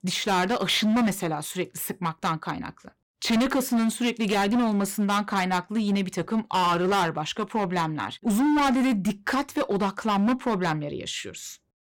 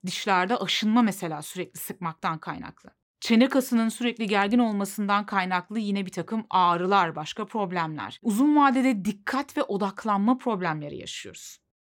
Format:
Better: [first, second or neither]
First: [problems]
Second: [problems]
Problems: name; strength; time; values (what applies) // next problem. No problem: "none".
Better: second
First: distortion; heavy; 15% of the sound clipped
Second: none